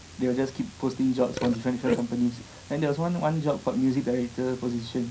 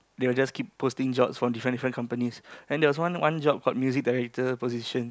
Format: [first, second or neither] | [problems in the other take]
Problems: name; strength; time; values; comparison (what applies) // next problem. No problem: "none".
second | background sound (Burping, eructation); 11 dB below the speech // room echo; dies away in 0.3 s